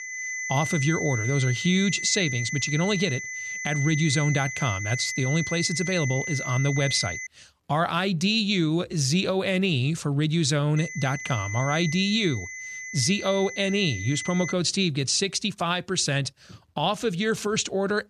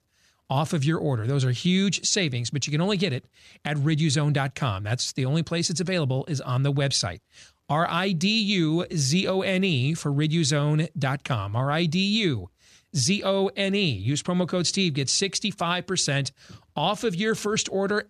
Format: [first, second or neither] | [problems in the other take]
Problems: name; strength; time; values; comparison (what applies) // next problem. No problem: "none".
second | high-pitched whine; loud; until 7.5 s and from 11 to 15 s; 2 kHz, 6 dB below the speech